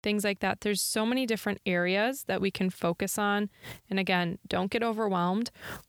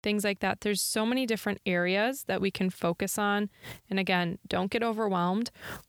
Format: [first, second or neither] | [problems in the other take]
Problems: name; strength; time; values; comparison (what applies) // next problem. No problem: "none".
neither | none